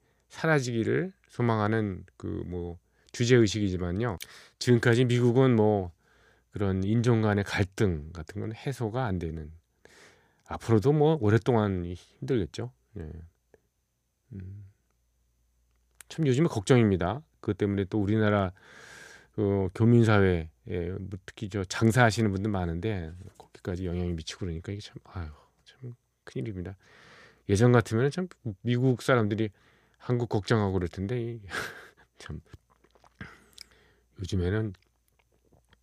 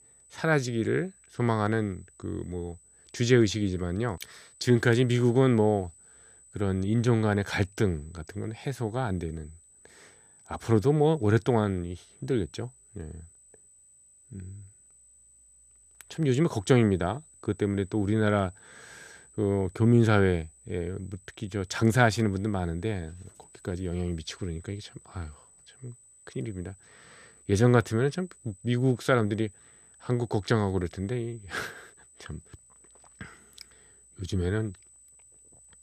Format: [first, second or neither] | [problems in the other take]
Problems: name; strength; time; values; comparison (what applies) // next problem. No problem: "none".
first | high-pitched whine; faint; throughout; 8 kHz, 25 dB below the speech